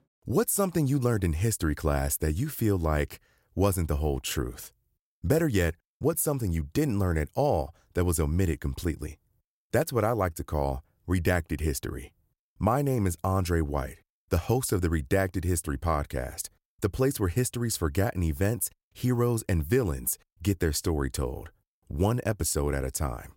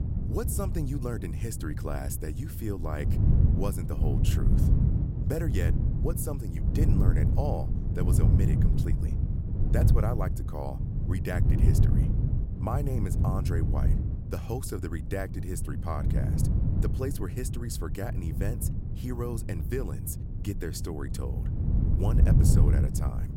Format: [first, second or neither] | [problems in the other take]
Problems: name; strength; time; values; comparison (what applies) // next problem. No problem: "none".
first | wind noise on the microphone; heavy; 2 dB below the speech